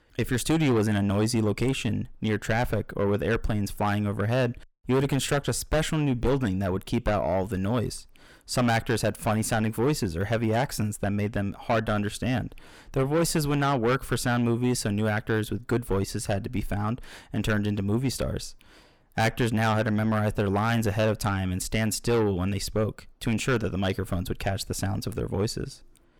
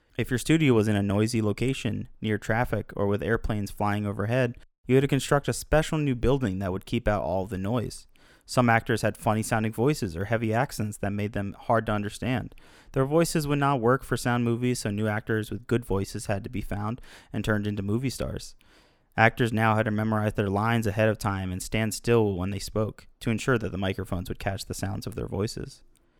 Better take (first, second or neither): second